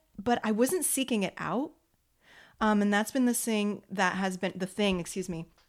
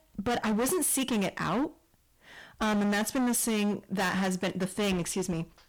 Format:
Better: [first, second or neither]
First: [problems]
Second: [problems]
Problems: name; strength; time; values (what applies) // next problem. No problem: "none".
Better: first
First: none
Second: distortion; heavy; 24% of the sound clipped